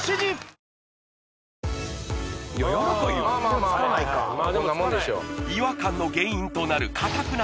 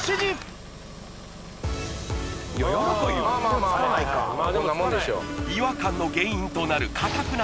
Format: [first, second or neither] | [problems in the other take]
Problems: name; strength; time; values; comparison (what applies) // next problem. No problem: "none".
first | background sound (Engine); 15 dB below the speech